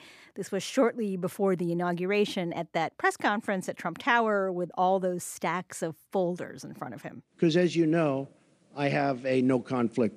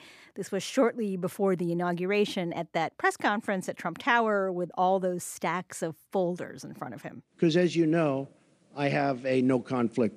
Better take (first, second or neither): neither